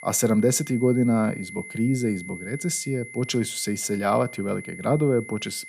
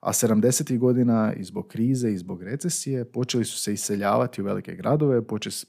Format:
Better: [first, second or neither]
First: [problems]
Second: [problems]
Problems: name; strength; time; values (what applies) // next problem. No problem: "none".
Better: second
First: high-pitched whine; noticeable; throughout; 2 kHz, 15 dB below the speech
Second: none